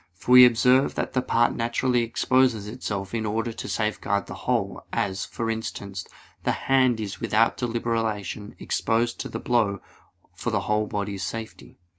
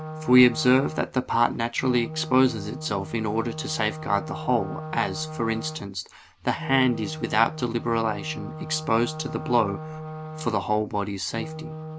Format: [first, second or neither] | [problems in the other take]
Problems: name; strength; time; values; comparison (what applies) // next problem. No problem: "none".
first | background sound (Wind instrument, woodwind instrument); 11 dB below the speech